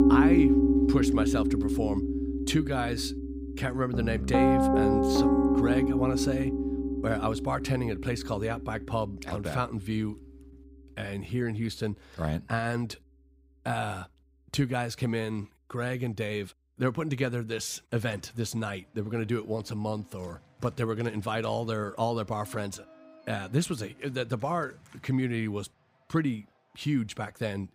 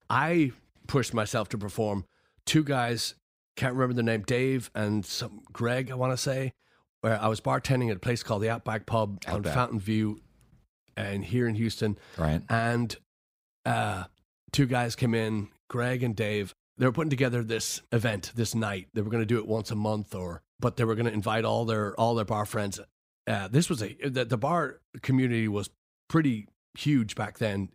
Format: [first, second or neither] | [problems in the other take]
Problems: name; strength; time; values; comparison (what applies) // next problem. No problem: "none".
second | background music; very loud; throughout; 5 dB above the speech